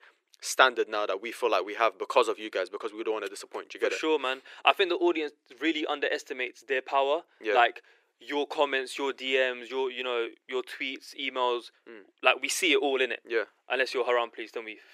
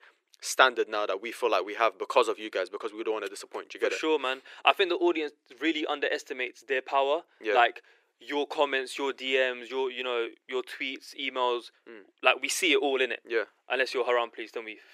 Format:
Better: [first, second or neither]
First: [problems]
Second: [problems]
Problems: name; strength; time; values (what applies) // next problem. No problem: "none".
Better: neither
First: thin; very; fading below 350 Hz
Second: thin; very; fading below 350 Hz